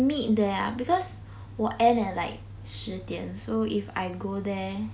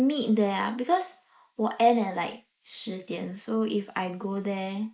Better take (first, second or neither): first